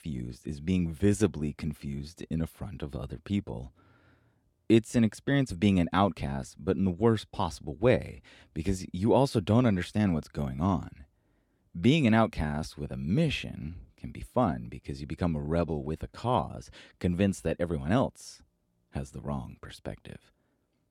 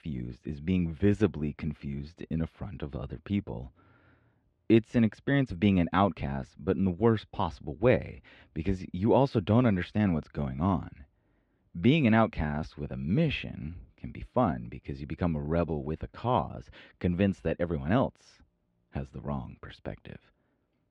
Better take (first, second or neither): first